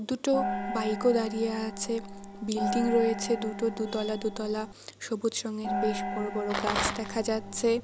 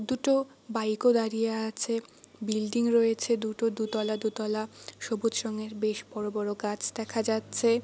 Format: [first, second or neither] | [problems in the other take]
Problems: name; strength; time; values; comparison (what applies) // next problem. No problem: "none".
second | background sound (Gong + Rattle); 4 dB below the speech